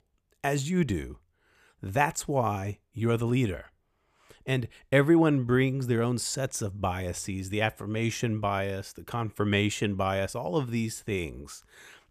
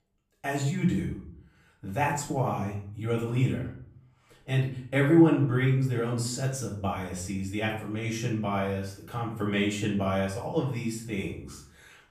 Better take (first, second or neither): first